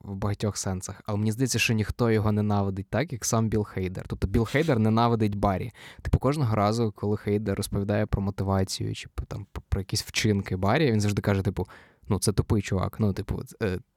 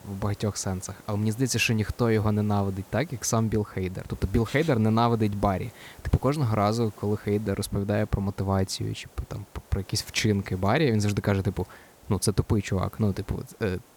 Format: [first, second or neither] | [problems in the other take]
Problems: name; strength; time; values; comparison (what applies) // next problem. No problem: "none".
first | hiss; faint; throughout; 25 dB below the speech